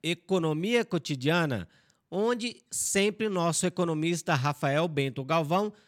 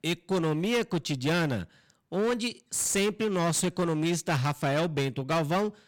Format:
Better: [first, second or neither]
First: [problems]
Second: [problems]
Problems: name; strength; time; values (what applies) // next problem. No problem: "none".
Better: first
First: none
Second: distortion; slight; 16% of the sound clipped